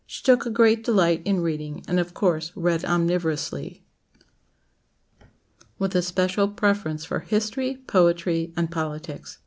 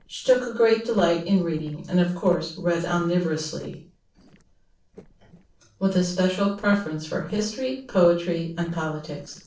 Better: first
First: none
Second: noise reduction (neural separator model SepFormer DNS4)

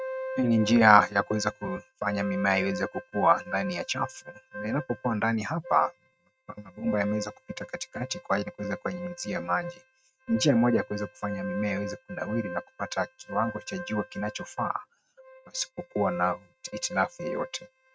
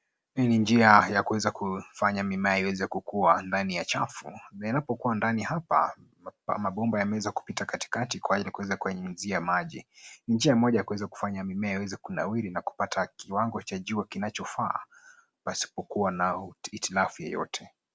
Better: second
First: noise reduction (neural mask model RNNoise)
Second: none

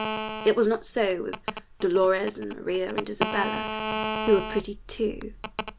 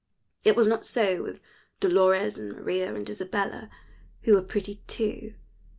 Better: second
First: background sound (Telephone); 6 dB below the speech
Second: none

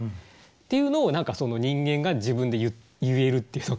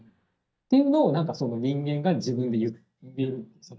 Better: first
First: none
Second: noise reduction (neural mask model DeepFilterNet 3)

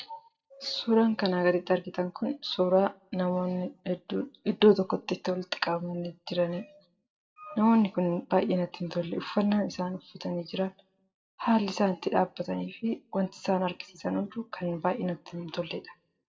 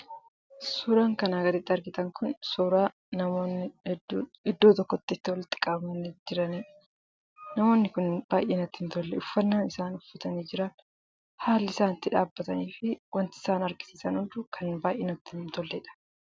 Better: second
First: room echo; dies away in 0.3 s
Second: none

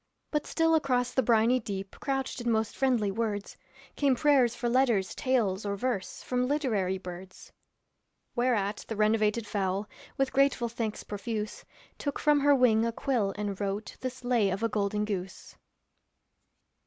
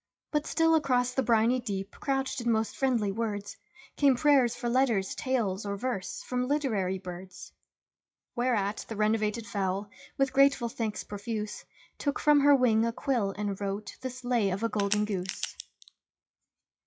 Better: first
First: none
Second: noise reduction (classical method WPE with log-MMSE)

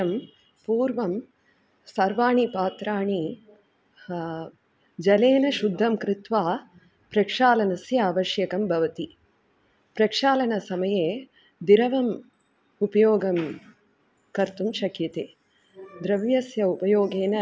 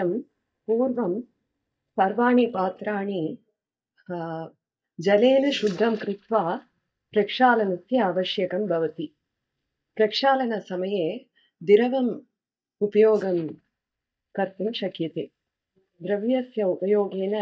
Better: first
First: none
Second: noise reduction (neural mask model DeepFilterNet 3)

